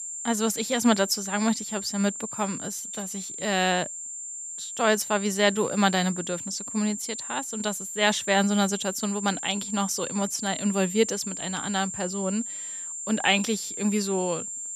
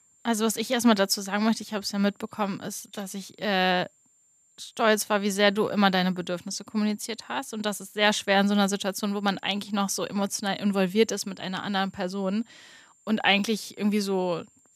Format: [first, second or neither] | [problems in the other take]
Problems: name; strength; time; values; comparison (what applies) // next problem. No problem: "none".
second | high-pitched whine; loud; throughout; 7.5 kHz, 6 dB below the speech; faint in the second